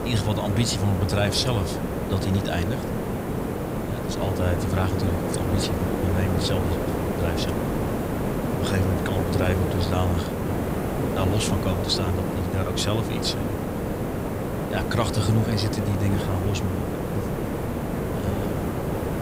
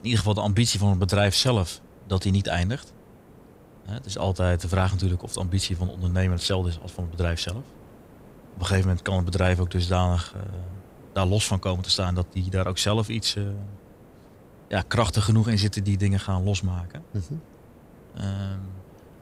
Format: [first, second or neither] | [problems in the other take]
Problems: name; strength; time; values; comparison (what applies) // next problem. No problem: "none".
second | hiss; loud; throughout; as loud as the speech; faint in the second